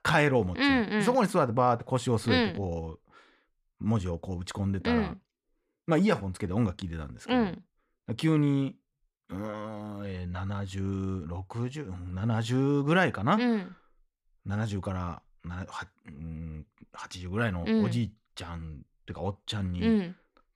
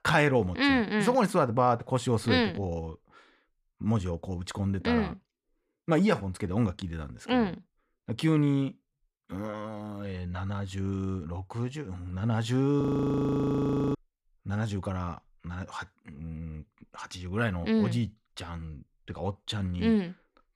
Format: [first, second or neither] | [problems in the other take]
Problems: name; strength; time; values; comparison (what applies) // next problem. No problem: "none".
first | audio freezing; at 13 s for 1 s